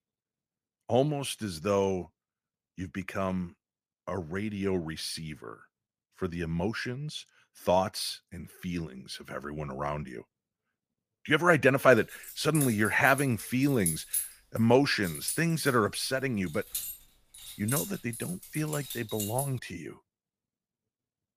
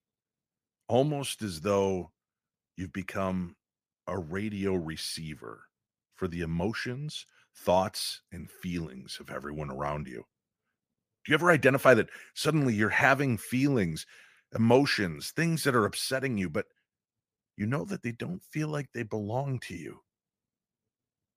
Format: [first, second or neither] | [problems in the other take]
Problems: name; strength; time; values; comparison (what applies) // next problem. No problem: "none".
second | jangling keys; loud; from 12 to 19 s; peak level with the speech